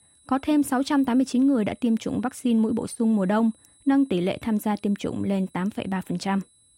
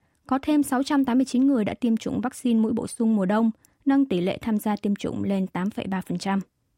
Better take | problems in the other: second | high-pitched whine; faint; throughout; 10 kHz, 30 dB below the speech

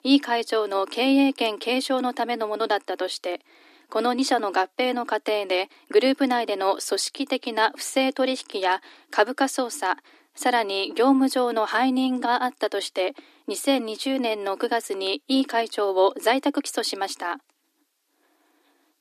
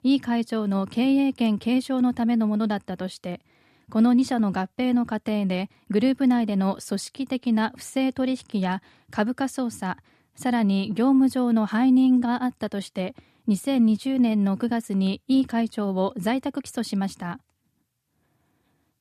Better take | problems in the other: second | thin; somewhat; fading below 300 Hz

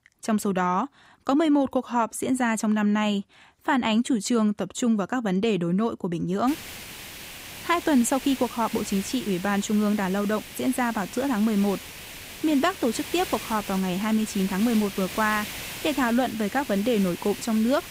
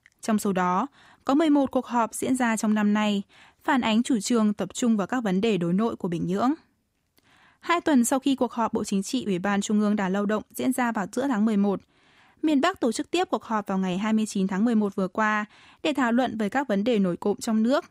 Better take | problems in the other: second | hiss; noticeable; from 6.5 s on; 10 dB below the speech

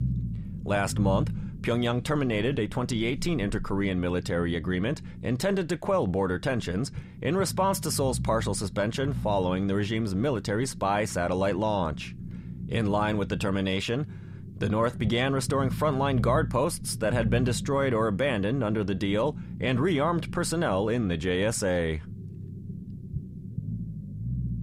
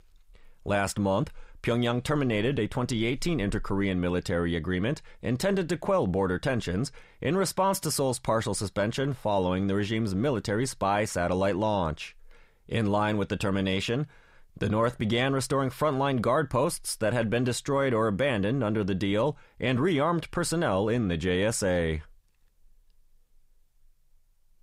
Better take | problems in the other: second | low rumble; noticeable; throughout; 20 dB below the speech

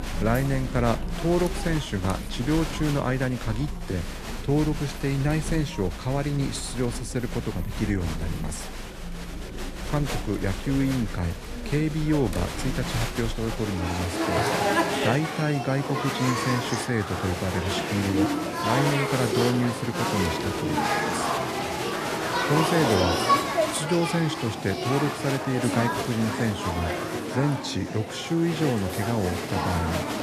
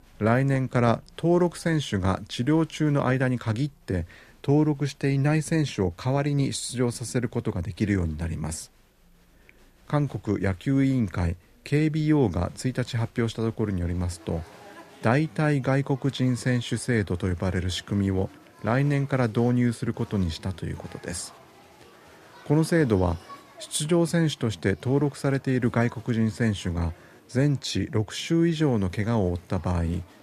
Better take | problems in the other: second | crowd noise; loud; throughout; 1 dB below the speech; faint in the second

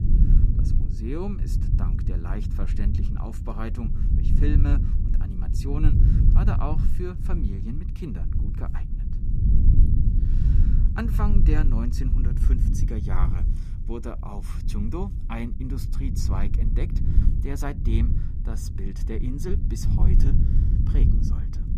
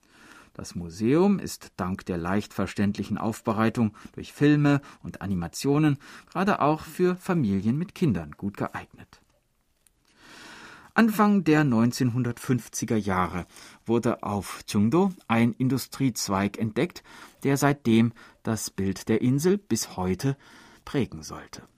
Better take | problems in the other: second | low rumble; loud; throughout; 3 dB below the speech

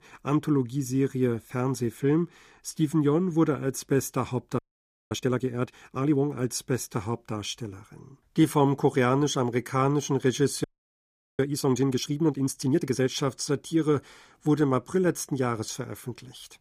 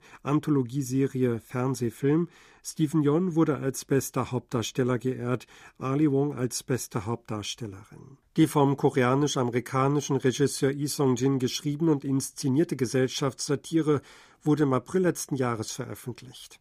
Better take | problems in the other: second | audio freezing; at 4.5 s for 0.5 s and at 11 s for 1 s

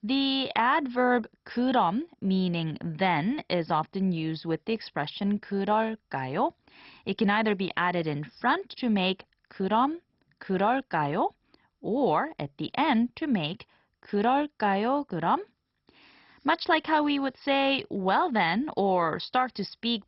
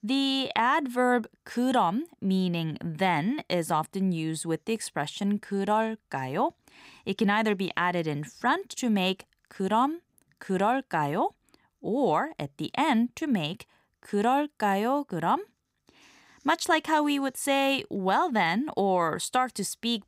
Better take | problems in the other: second | garbled, watery; badly; nothing above 5.5 kHz

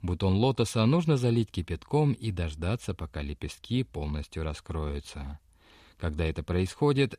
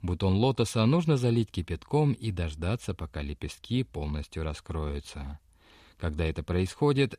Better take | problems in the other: neither | none

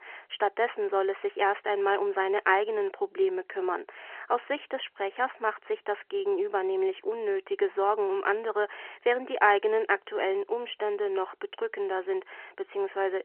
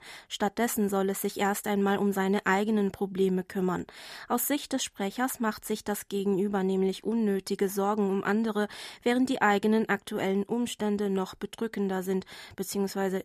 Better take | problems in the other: second | phone-call audio

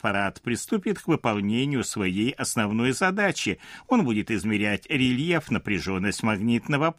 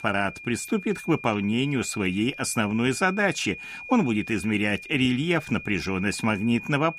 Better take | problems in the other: first | high-pitched whine; noticeable; throughout; 2.5 kHz, 15 dB below the speech

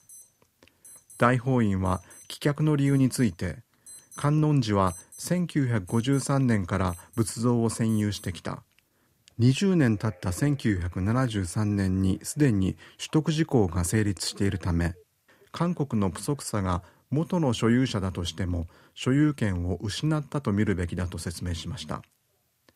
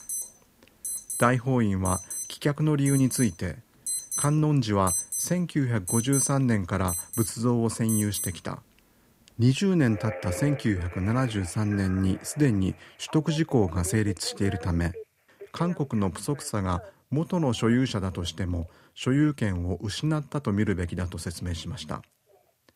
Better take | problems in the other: first | alarms or sirens; loud; throughout; 6 dB below the speech; faint in the first

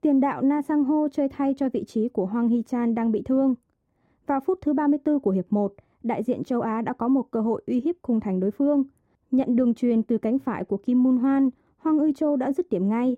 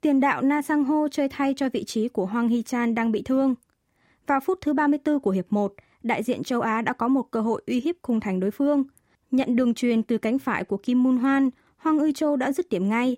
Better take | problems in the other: second | muffled; slightly; fading above 1 kHz

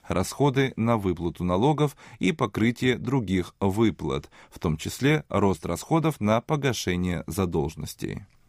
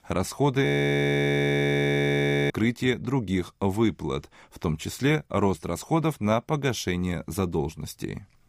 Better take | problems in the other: first | audio freezing; at 0.5 s for 2 s

